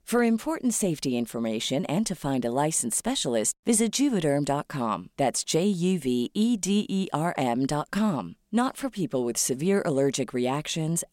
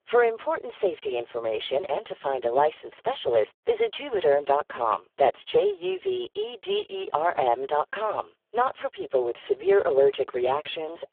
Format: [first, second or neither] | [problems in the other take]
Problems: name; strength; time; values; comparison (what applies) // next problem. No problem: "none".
first | phone-call audio; poor line; nothing above 3.5 kHz